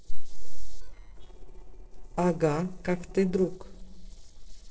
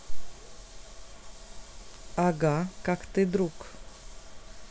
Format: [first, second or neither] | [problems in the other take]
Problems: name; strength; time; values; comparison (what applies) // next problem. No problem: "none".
second | noise reduction (neural separator model SepFormer DNS4)